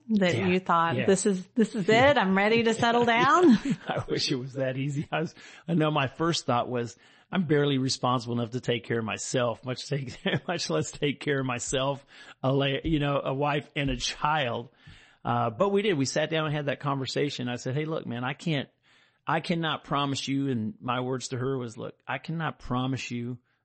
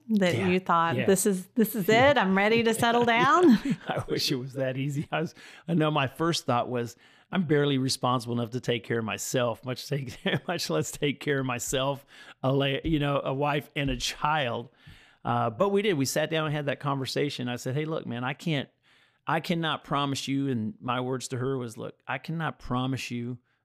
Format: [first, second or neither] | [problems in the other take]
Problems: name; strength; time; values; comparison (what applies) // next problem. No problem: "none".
second | garbled, watery; slightly; nothing above 8 kHz